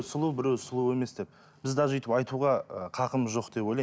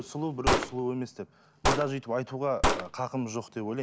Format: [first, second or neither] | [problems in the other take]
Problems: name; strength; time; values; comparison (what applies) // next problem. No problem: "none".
first | background sound (Gunshot, gunfire); 1 dB above the speech